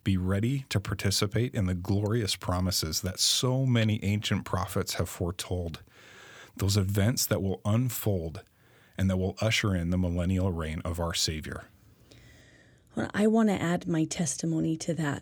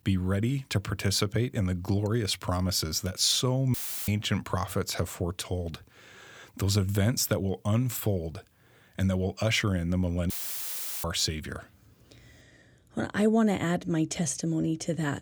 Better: first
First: none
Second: audio cutting out; filled with static; at 3.5 s and at 10 s for 0.5 s

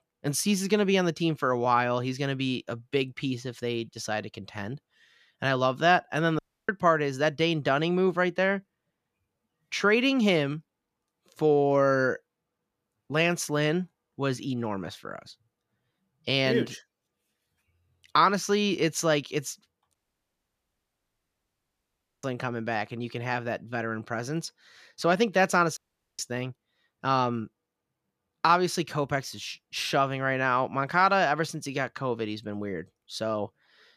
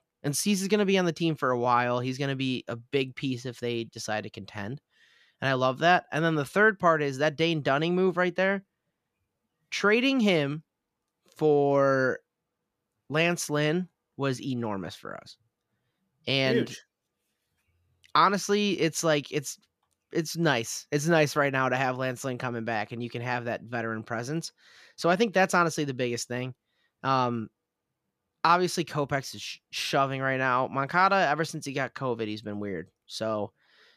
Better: second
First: audio cutting out; at 6.5 s, at 20 s for 2.5 s and at 26 s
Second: none

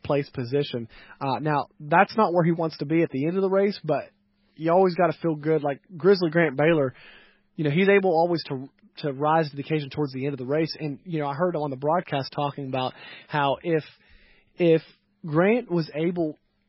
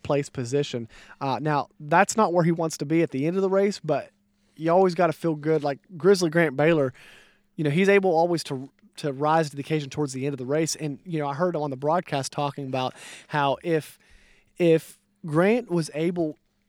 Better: second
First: garbled, watery; badly; nothing above 5.5 kHz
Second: none

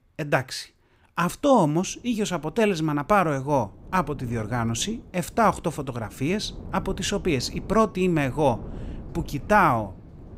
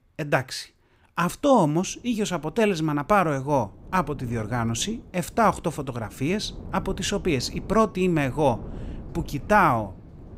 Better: neither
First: wind noise on the microphone; occasional gusts; from 2 s on; 25 dB below the speech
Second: wind noise on the microphone; occasional gusts; from 2 s on; 25 dB below the speech

